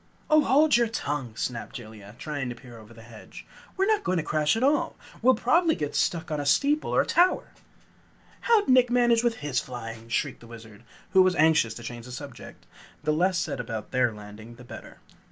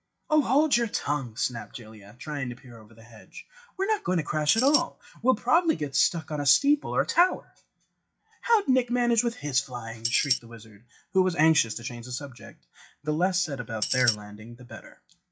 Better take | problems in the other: first | noise reduction (classical method WPE with log-MMSE)

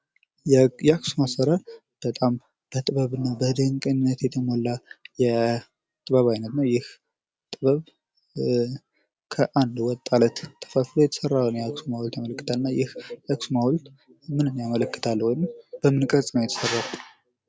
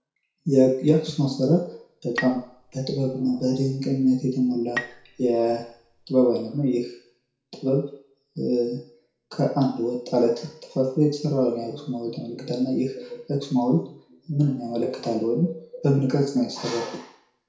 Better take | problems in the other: first | background sound (Bowed string instrument); 13 dB below the speech // room echo; dies away in 0.6 s

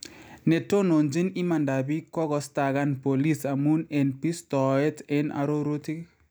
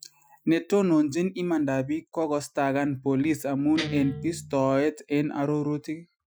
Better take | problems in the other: first | noise reduction (classical method Wiener filter)

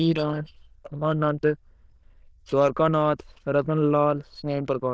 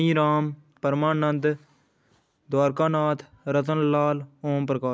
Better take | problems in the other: second | noise reduction (neural diffusion model UNIVERSE++)

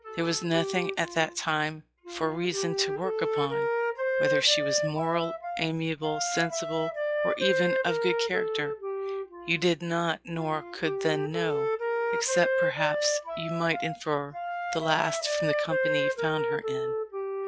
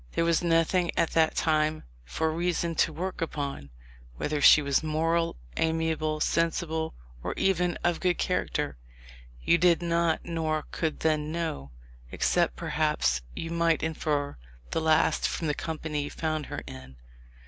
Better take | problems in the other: second | noise reduction (classical method log-MMSE)

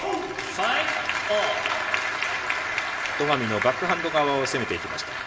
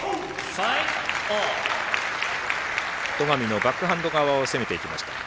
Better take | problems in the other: second | room echo; dies away in 0.6 s

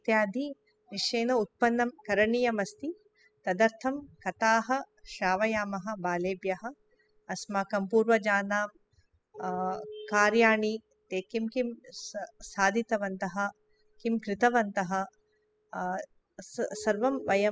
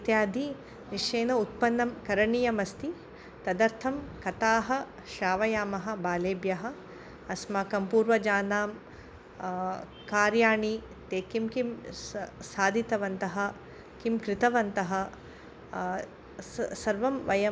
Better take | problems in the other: second | noise reduction (classical method spectral subtraction)

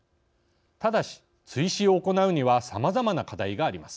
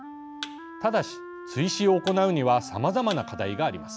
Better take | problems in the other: first | background sound (Wind instrument, woodwind instrument + Thump, thud); 14 dB below the speech

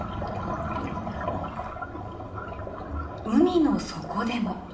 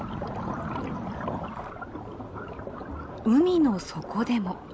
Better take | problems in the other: second | room echo; dies away in 0.9 s

